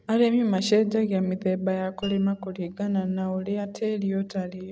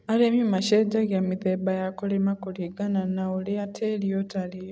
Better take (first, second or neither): second